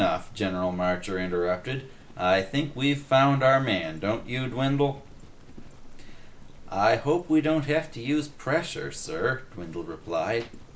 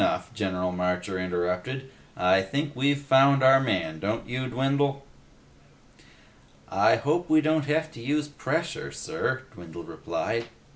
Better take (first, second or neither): second